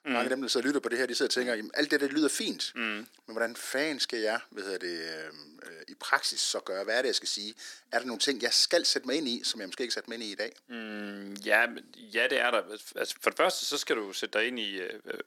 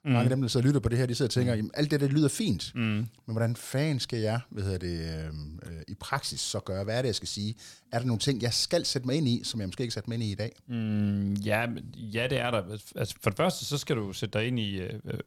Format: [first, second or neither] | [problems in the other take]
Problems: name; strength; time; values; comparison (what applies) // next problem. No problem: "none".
second | thin; somewhat; fading below 300 Hz